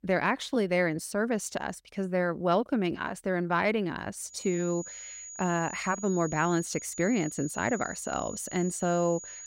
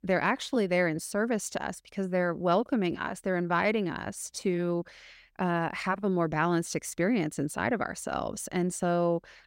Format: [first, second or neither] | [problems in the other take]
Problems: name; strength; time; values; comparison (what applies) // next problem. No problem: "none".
second | high-pitched whine; noticeable; from 4.5 s on; 7 kHz, 10 dB below the speech